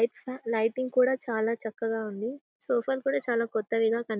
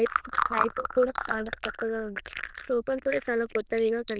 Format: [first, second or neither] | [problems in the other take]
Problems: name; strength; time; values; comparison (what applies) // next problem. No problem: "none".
first | noise reduction (neural diffusion model UNIVERSE++)